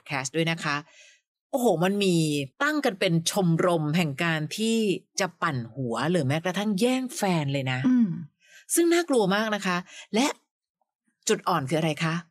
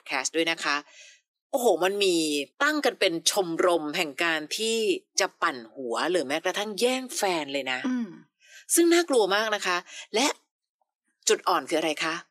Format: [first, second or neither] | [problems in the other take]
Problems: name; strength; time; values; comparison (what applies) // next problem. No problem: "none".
first | thin; somewhat; fading below 350 Hz